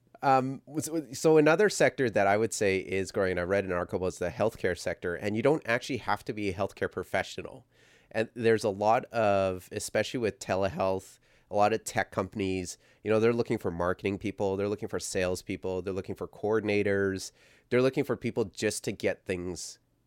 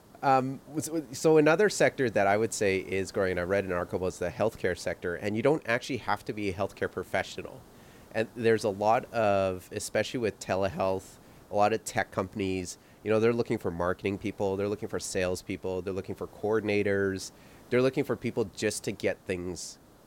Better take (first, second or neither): first